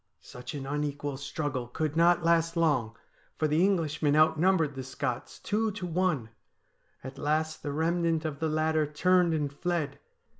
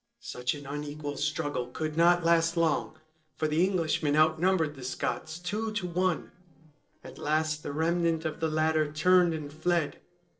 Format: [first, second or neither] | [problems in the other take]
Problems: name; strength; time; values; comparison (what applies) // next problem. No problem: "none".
first | noise reduction (neural separator model SepFormer DNS4)